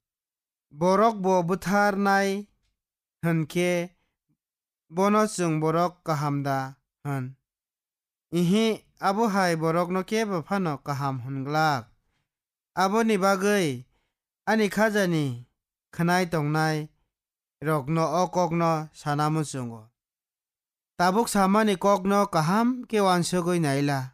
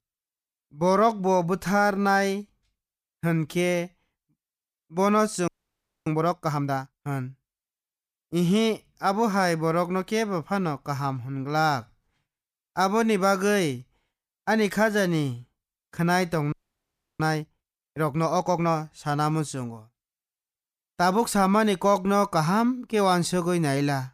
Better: first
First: none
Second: audio freezing; at 5.5 s for 0.5 s and at 17 s for 0.5 s

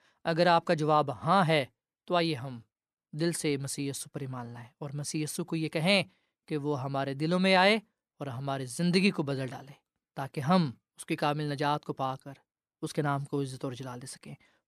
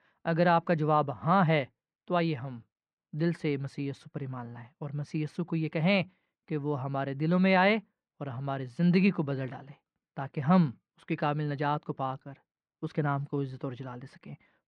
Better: first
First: none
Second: muffled; slightly; fading above 2 kHz

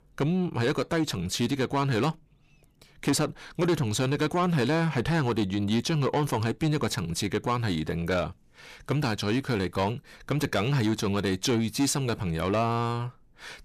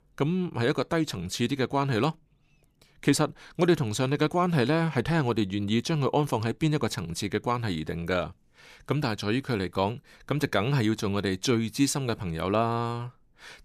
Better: second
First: distortion; slight; 10 dB below the speech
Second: none

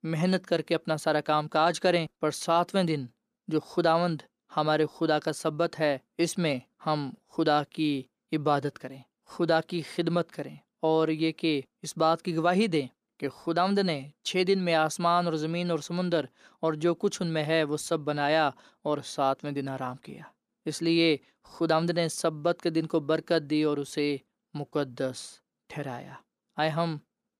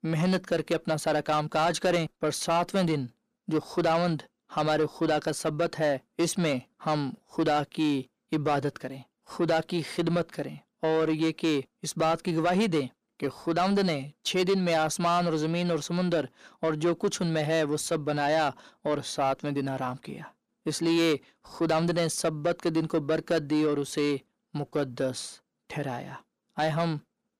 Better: first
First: none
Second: distortion; slight; 10 dB below the speech

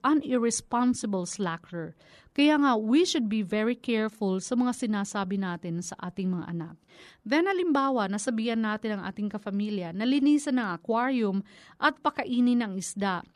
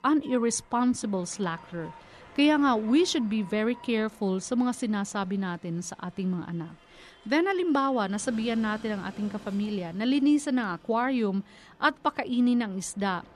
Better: first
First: none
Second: train or aircraft noise; faint; throughout; 25 dB below the speech

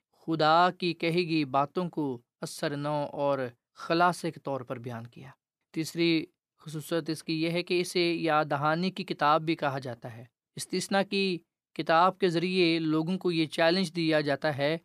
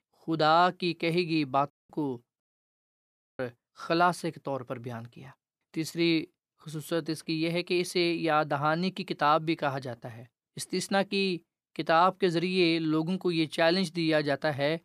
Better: first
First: none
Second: audio cutting out; at 1.5 s and at 2.5 s for 1 s

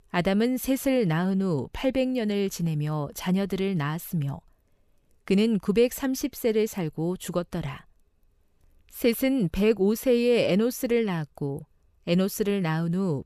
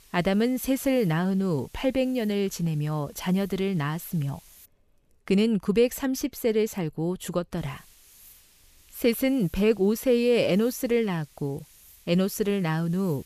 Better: first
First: none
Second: hiss; faint; until 4.5 s and from 7.5 s on; 25 dB below the speech

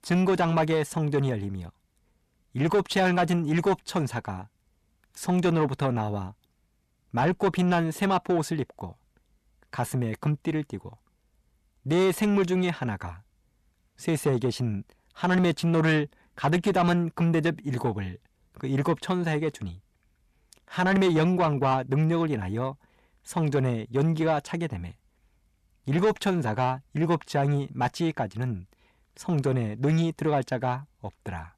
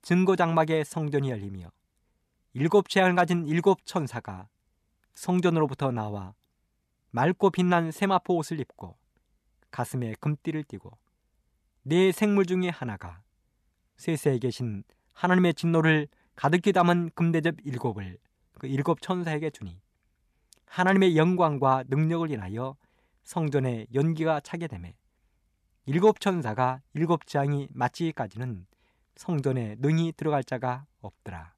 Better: second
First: distortion; slight; 10 dB below the speech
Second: none

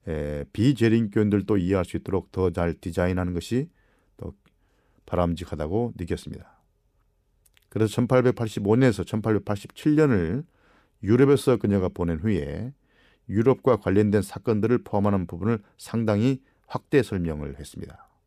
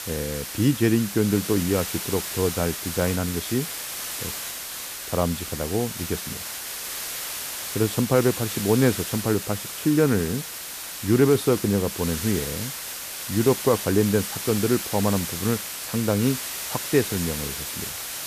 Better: first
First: none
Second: hiss; loud; throughout; 6 dB below the speech

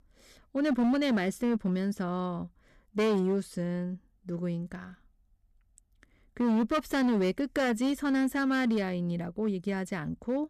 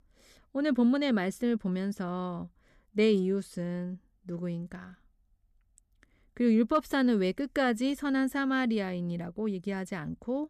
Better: second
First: distortion; slight; 8% of the sound clipped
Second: none

